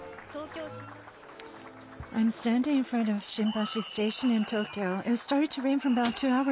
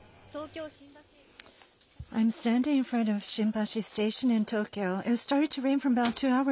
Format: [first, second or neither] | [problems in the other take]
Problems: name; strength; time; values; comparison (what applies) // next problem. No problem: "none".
second | background sound (Applause); 15 dB below the speech